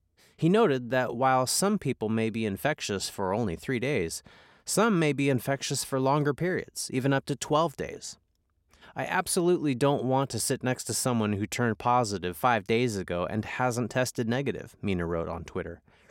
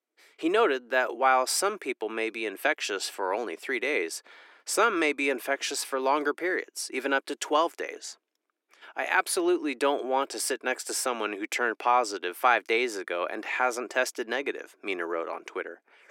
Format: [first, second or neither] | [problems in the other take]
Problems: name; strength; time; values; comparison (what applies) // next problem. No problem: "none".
first | thin; somewhat; fading below 300 Hz